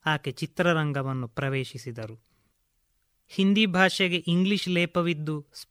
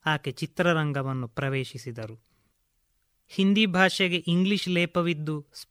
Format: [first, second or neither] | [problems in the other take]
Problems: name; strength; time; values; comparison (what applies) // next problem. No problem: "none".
neither | none